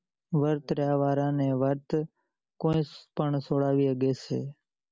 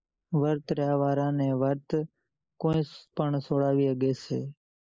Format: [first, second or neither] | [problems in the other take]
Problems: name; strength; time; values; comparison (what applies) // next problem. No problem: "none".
first | noise reduction (neural mask model Resemble Enhance denoiser)